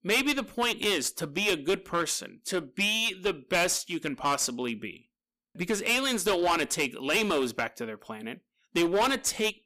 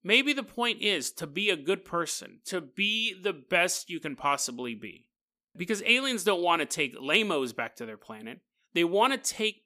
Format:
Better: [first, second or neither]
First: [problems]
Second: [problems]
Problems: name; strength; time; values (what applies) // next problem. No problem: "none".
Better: second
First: distortion; heavy; 9% of the sound clipped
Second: none